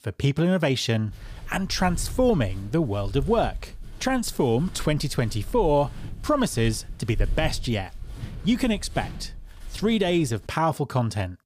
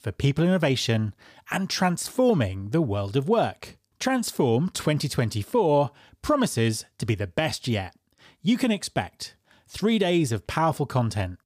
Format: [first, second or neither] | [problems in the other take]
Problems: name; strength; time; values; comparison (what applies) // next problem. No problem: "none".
second | footsteps; noticeable; from 1 to 10 s; peak 6 dB below the speech